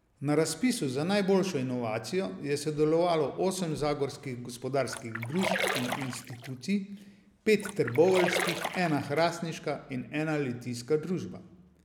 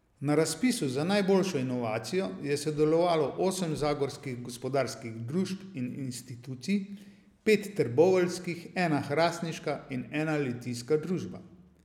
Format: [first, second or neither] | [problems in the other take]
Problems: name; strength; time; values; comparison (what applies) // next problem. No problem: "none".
second | background sound (Splash, splatter); 5 dB below the speech